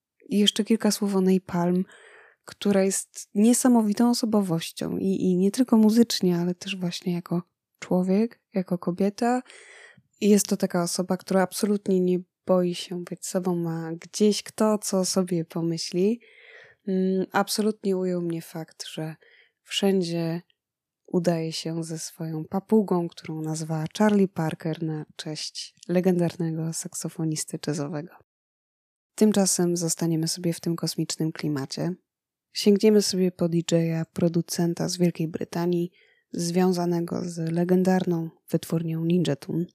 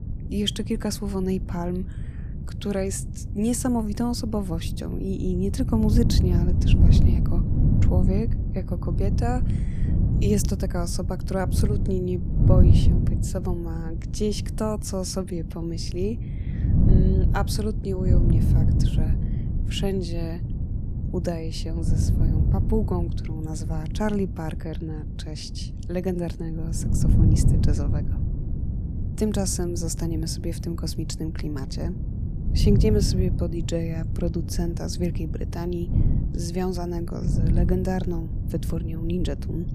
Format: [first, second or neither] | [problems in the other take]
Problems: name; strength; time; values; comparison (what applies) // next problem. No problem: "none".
first | wind noise on the microphone; heavy; 6 dB below the speech